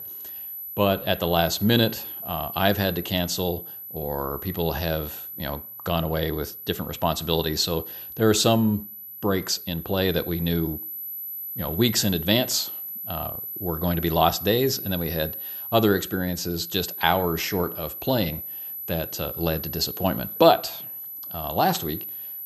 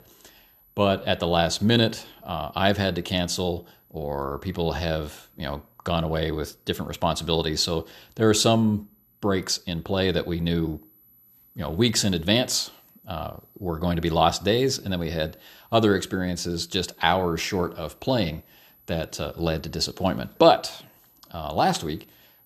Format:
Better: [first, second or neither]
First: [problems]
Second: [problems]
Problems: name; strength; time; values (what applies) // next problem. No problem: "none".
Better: second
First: high-pitched whine; loud; throughout; 12 kHz, 8 dB below the speech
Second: high-pitched whine; faint; throughout; 12 kHz, 30 dB below the speech